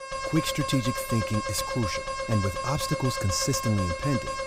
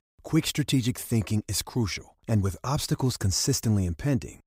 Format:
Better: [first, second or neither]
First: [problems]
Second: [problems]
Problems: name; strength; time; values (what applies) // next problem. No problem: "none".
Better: second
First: alarm; noticeable; peak 3 dB below the speech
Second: none